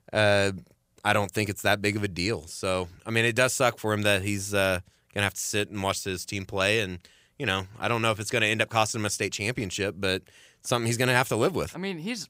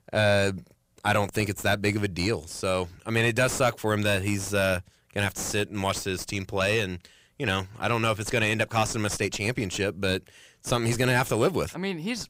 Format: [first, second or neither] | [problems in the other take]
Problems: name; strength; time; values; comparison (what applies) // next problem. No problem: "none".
first | distortion; slight; 9 dB below the speech